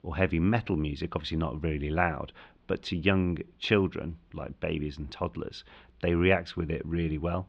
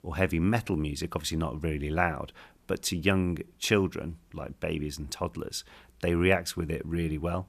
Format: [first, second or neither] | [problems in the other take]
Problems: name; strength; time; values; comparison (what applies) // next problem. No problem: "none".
second | muffled; slightly; fading above 3.5 kHz